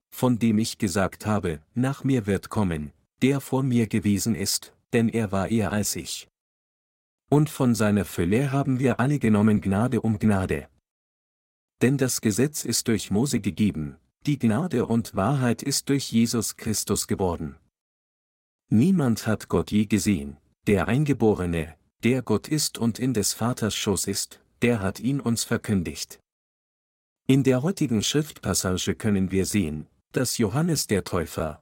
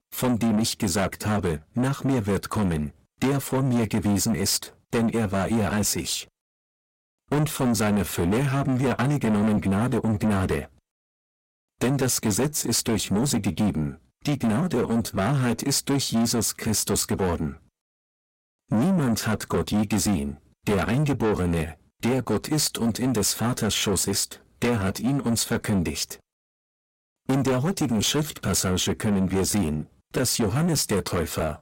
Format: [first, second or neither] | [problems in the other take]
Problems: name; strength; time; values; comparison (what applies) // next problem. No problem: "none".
first | distortion; heavy; 7 dB below the speech